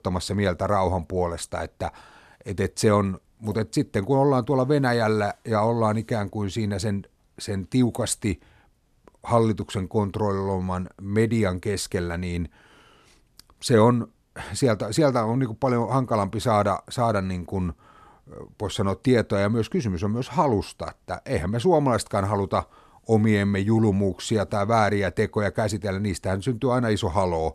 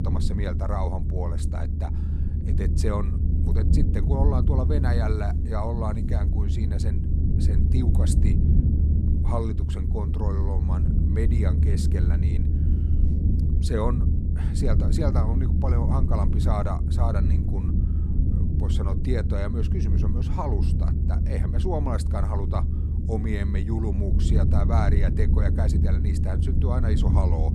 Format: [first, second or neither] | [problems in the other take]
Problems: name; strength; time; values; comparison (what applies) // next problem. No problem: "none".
first | low rumble; loud; throughout; 3 dB below the speech